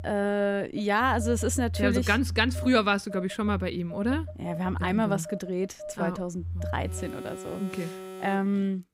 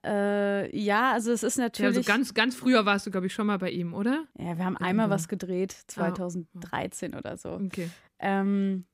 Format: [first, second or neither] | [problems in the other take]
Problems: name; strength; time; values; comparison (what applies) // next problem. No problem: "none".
second | alarms or sirens; loud; throughout; 9 dB below the speech